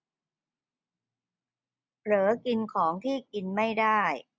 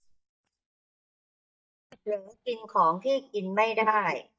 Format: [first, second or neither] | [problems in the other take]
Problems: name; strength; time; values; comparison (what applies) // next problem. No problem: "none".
first | noise reduction (neural mask model DeepFilterNet 3)